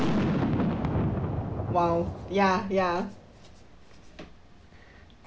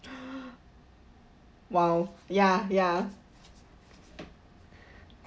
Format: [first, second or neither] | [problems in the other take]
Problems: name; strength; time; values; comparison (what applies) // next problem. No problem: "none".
second | background sound (Boom); as loud as the speech